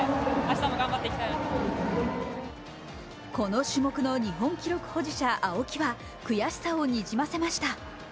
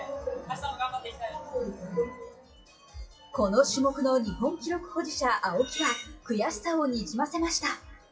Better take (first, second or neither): first